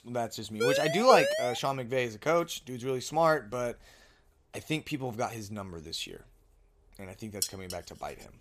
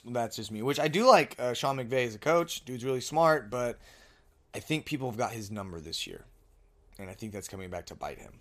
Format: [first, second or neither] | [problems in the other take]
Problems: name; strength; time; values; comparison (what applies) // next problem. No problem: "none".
second | siren; loud; at 0.5 s; peak 2 dB above the speech // clattering dishes; noticeable; at 7.5 s; peak 4 dB below the speech